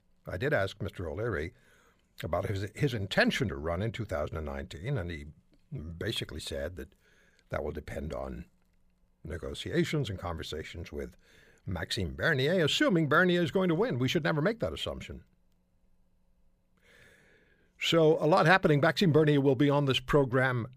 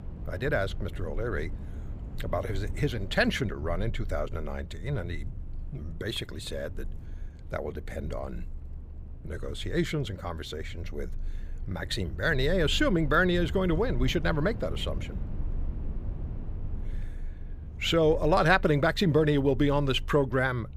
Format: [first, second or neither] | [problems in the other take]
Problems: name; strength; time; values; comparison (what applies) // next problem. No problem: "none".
first | low rumble; faint; throughout; 25 dB below the speech